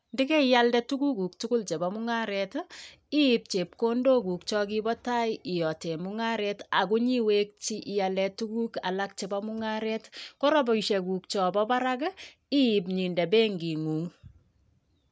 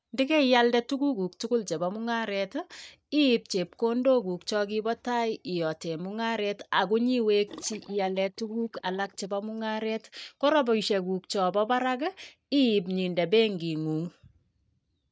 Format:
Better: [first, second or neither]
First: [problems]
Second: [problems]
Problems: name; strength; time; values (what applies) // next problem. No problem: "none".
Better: first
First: none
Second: noise reduction (neural mask model DeepFilterNet 3)